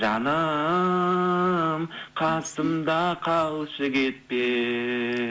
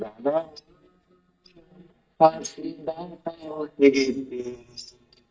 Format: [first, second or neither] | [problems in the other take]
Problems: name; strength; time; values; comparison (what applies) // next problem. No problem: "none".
first | noise reduction (neural mask model DeepFilterNet 3)